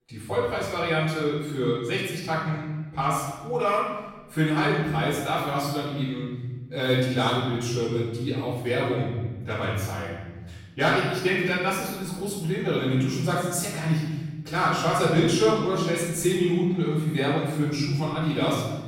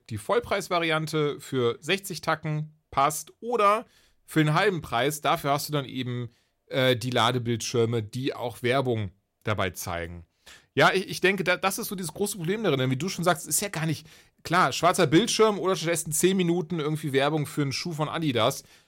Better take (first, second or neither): second